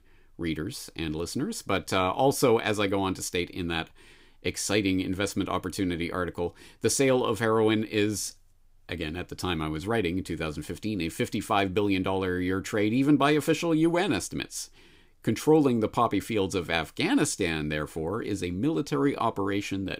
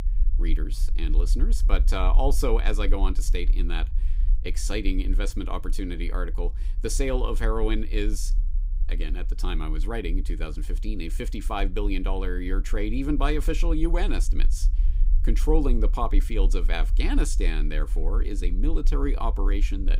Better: first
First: none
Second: low rumble; faint; throughout; 20 dB below the speech

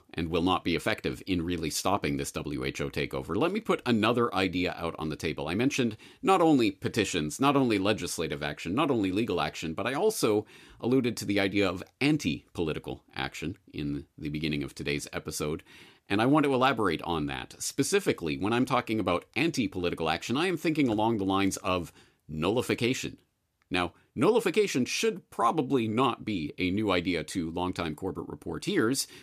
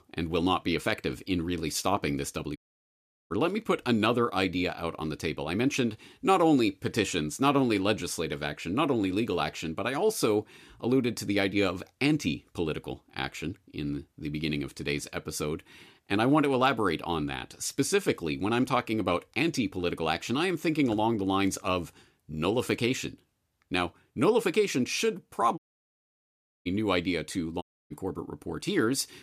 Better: first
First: none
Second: audio cutting out; at 2.5 s for 0.5 s, at 26 s for 1 s and at 28 s

